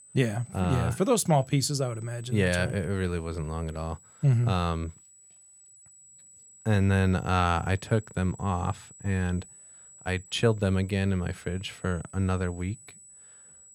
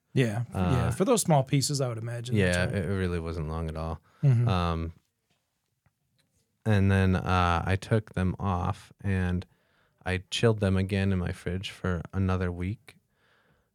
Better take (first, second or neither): second